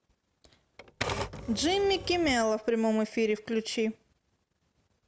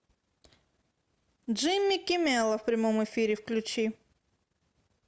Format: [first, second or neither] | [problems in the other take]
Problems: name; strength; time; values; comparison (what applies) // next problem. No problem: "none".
second | background sound (Typewriter); 8 dB below the speech